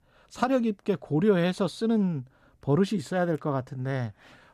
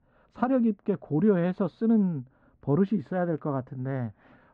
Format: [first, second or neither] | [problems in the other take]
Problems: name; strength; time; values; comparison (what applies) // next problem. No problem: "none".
first | muffled; very; fading above 1.5 kHz